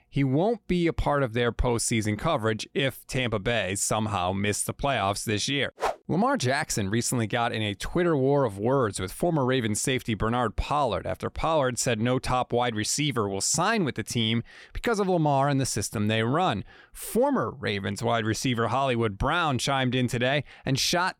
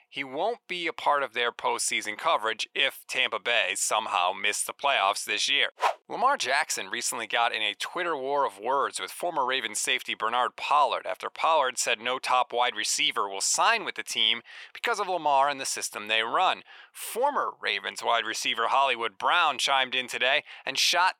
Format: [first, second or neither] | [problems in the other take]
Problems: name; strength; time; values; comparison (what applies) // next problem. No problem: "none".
first | thin; very; fading below 700 Hz